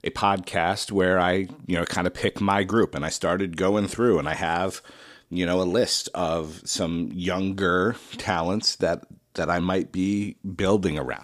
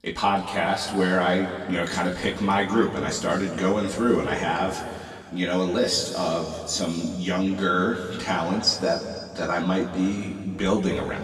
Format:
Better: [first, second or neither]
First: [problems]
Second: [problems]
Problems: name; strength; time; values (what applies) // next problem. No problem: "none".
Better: first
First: none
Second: room echo; noticeable; dies away in 2 s // off-mic speech; far